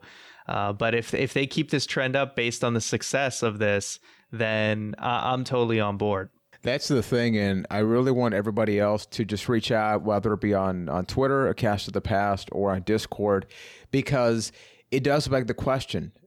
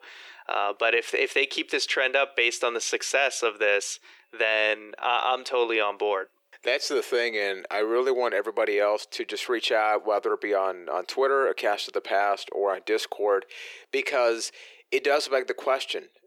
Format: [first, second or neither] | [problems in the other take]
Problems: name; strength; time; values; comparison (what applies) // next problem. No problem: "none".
first | thin; very; fading below 350 Hz